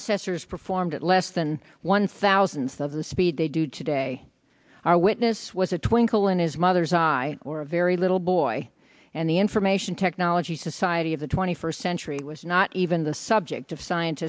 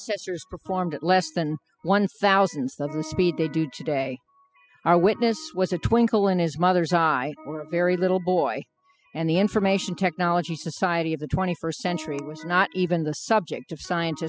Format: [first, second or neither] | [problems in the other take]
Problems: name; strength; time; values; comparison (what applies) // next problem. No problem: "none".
first | noise reduction (classical method spectral subtraction)